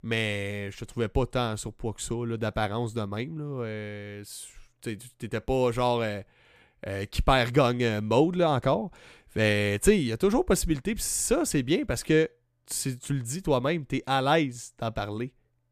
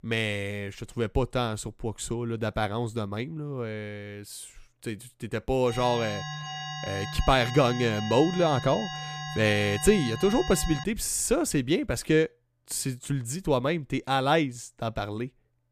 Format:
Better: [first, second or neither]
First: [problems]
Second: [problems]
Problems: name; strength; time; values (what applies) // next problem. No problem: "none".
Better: first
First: none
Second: alarm; noticeable; from 5.5 to 11 s; peak 8 dB below the speech